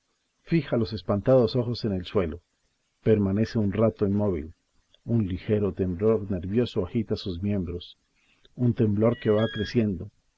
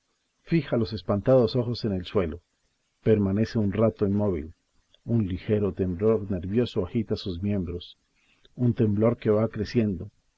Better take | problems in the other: second | background sound (Alarm); 17 dB below the speech

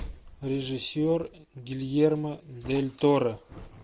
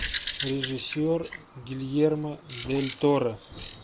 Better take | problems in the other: first | background sound (Bird vocalization, bird call, bird song); 11 dB below the speech

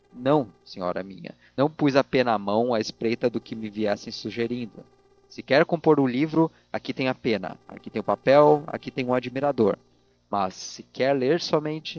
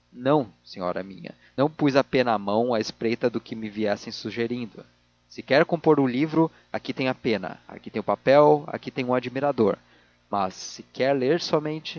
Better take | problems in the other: second | noise reduction (neural separator model SepFormer DNS4)

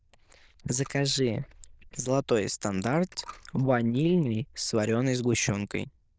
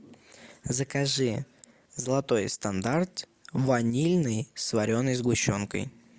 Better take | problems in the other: second | noise reduction (neural diffusion model UNIVERSE++)

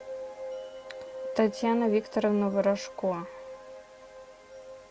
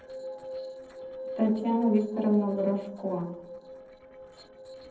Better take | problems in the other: first | noise reduction (neural separator model SepFormer DNS4)

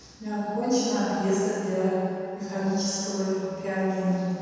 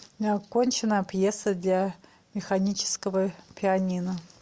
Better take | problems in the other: second | room echo; dies away in 2.1 s

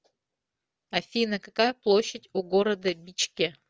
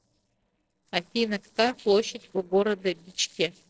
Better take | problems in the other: first | noise reduction (neural separator model SepFormer DNS4)

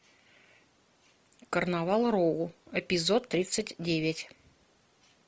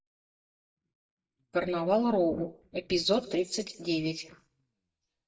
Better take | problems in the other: first | noise reduction (neural mask model DeepFilterNet 3)

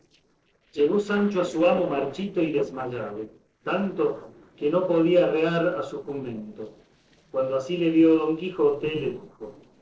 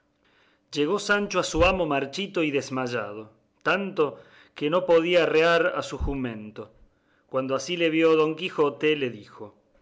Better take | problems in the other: second | noise reduction (neural separator model SepFormer DNS4)

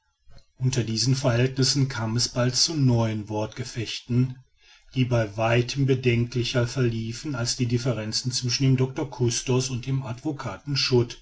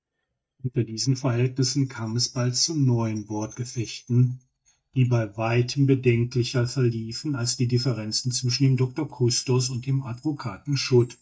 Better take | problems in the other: first | noise reduction (neural mask model DeepFilterNet 3)

